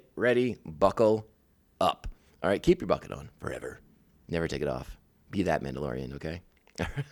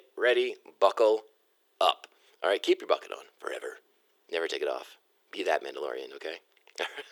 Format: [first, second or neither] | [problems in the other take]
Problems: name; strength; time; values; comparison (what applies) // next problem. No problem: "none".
first | thin; very; fading below 350 Hz